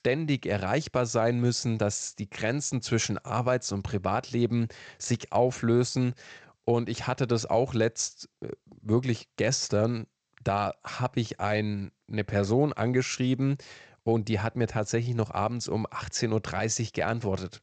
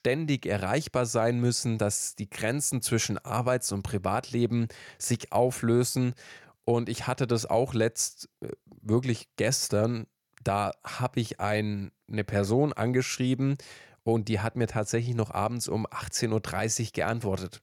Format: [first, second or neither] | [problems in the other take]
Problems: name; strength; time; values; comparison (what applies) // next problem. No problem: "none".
second | garbled, watery; slightly; nothing above 7.5 kHz